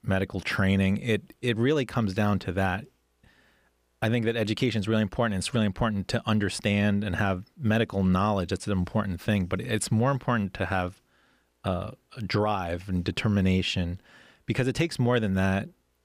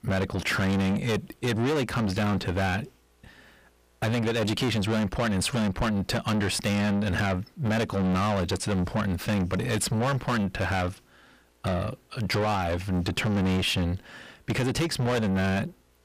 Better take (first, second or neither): first